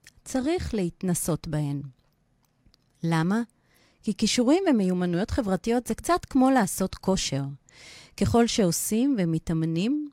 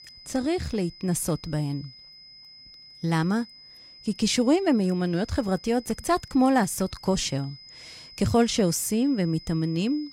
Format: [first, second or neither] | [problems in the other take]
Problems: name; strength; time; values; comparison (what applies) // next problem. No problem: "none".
first | high-pitched whine; noticeable; throughout; 5 kHz, 20 dB below the speech